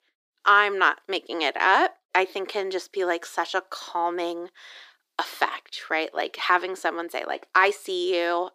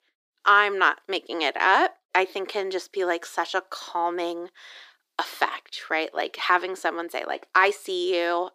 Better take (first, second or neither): neither